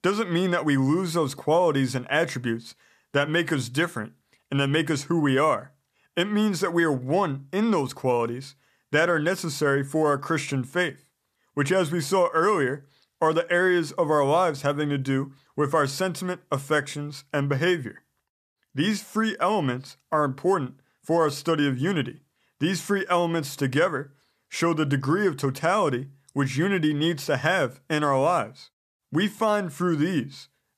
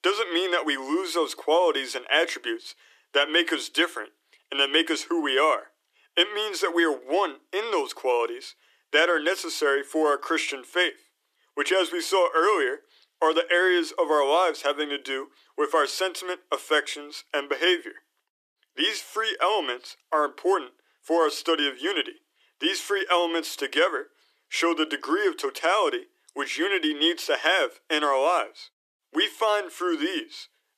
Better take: first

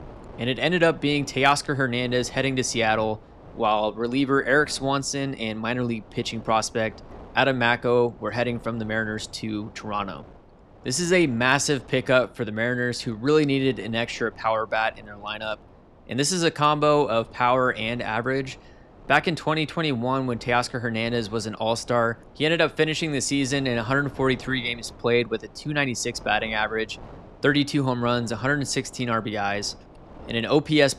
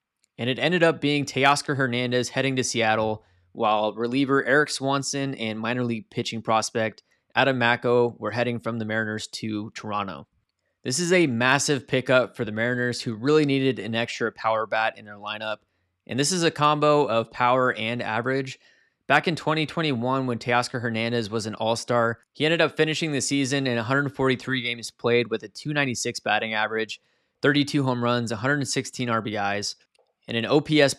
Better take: second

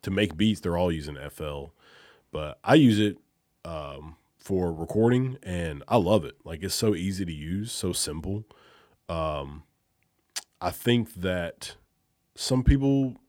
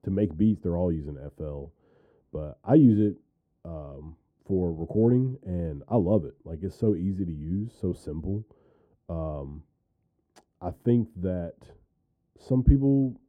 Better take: first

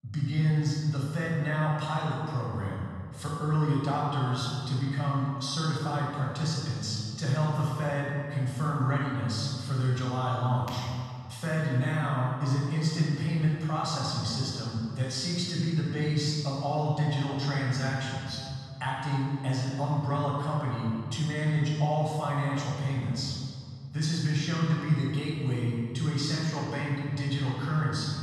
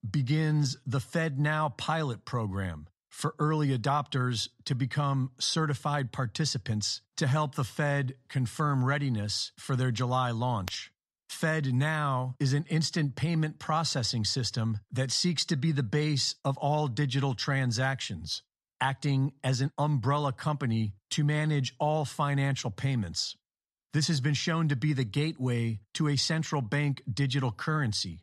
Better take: second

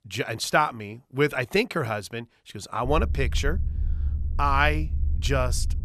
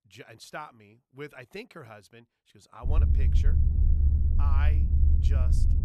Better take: first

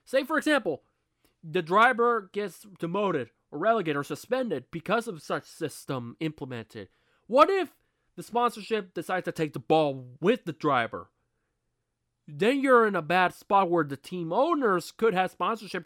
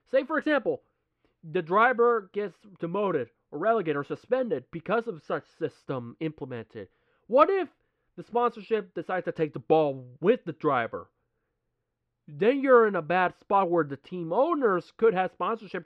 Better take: first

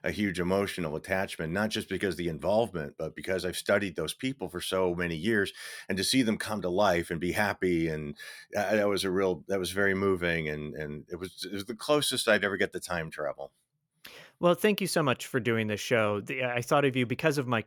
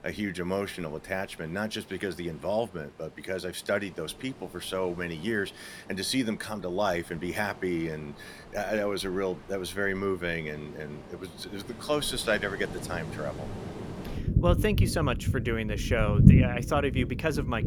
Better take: first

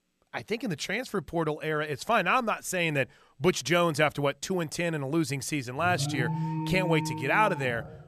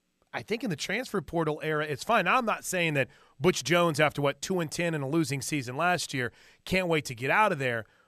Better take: second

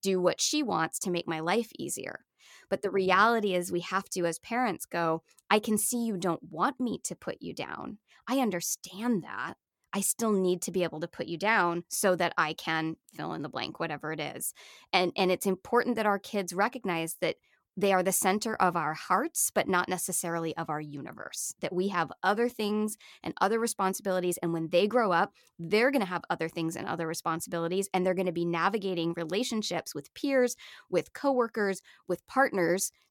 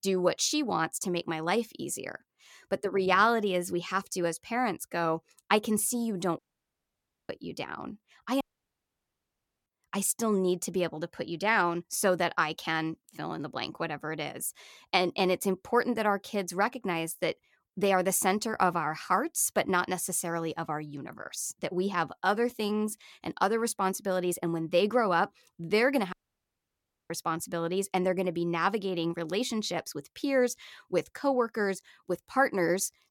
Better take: first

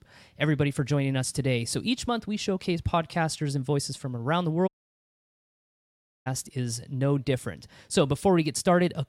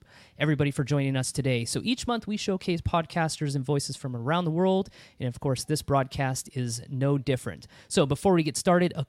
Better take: second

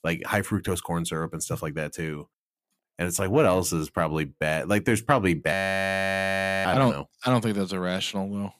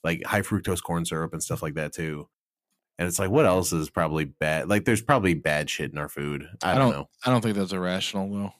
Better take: second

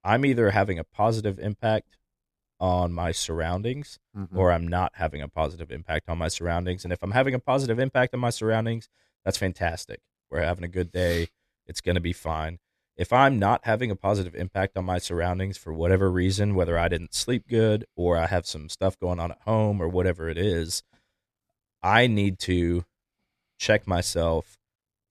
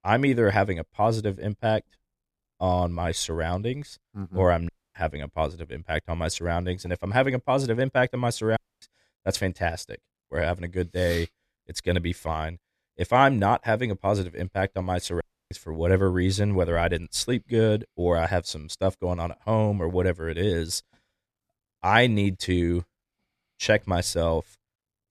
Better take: first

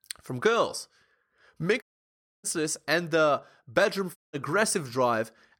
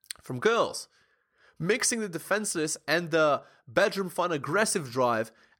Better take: second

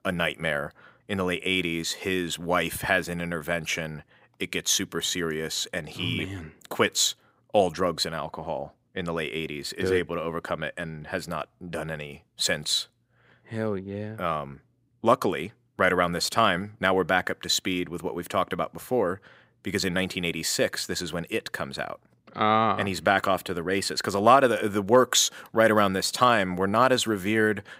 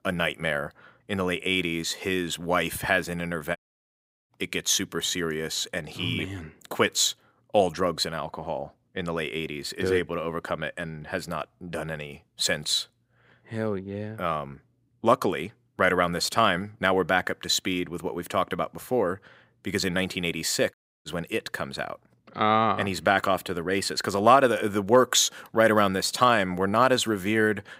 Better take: first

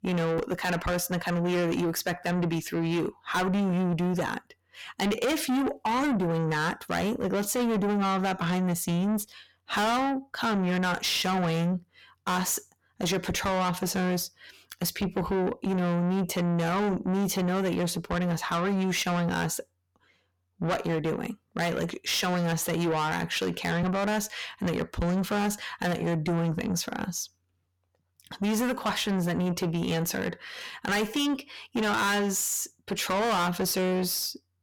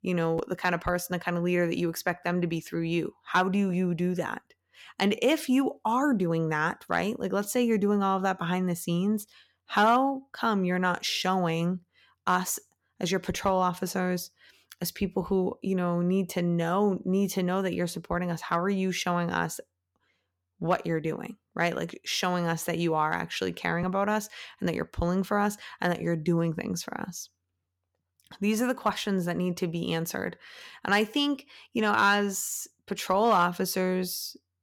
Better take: second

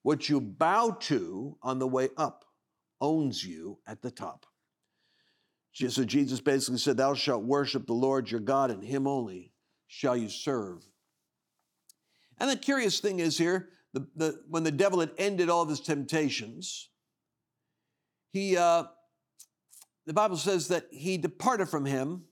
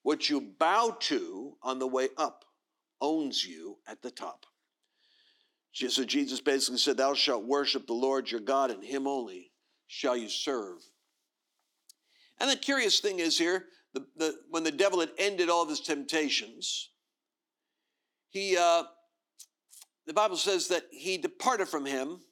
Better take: first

